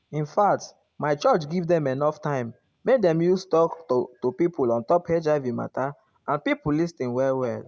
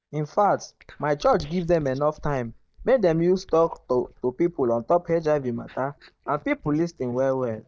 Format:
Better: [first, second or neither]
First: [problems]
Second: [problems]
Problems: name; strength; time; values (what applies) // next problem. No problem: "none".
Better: first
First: none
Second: noise reduction (neural mask model DeepFilterNet 3)